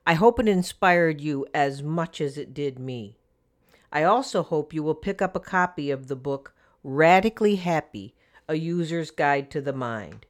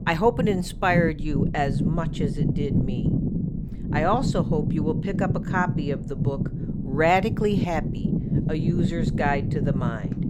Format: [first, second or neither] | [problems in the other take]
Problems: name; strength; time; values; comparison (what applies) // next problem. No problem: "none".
first | low rumble; loud; throughout; 8 dB below the speech